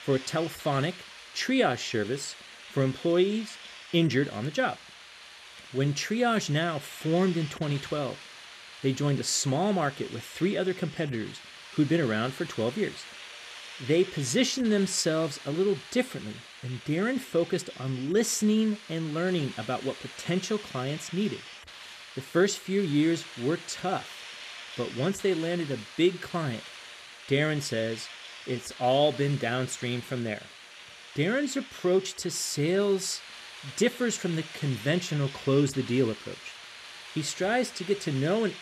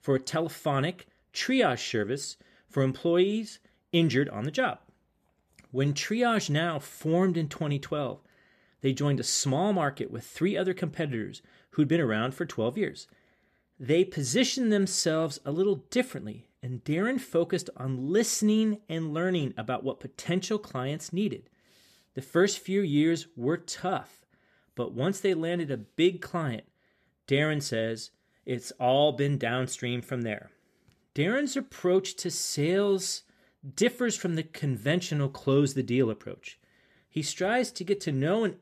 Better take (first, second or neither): second